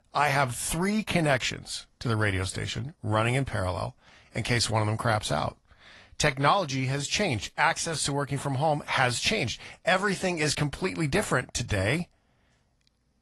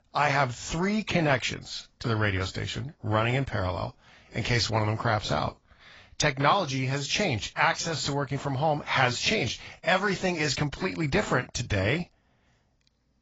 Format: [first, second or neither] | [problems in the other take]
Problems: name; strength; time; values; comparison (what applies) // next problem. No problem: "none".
first | garbled, watery; badly; nothing above 7.5 kHz; slightly in the first